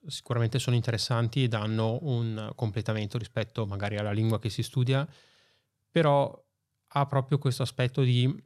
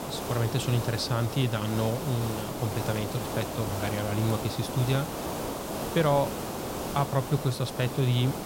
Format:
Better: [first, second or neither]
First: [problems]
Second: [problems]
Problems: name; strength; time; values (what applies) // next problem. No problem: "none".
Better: first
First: none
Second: hiss; loud; throughout; 5 dB below the speech